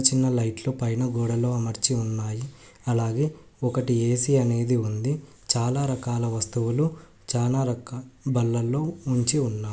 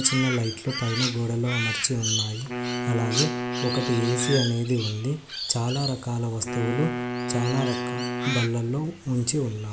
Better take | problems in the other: first | background sound (Crow + Wind instrument, woodwind instrument); 4 dB below the speech

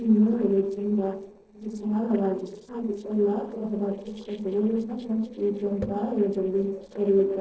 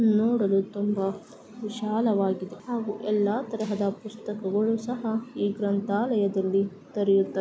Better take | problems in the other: second | noise reduction (neural separator model SepFormer DNS4)

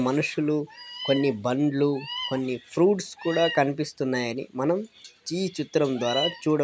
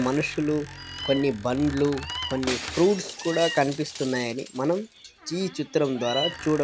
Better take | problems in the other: first | background sound (Shatter + Squeak); 14 dB below the speech

